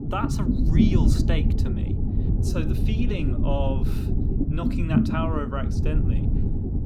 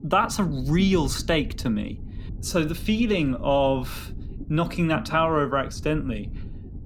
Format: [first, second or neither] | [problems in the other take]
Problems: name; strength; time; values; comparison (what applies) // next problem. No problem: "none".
second | low rumble; loud; throughout; 1 dB below the speech; faint in the second